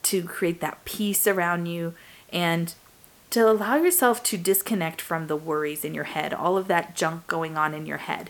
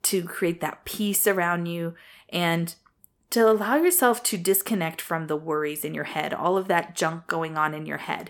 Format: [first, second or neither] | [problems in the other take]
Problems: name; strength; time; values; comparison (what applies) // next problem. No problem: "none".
second | hiss; faint; throughout; 30 dB below the speech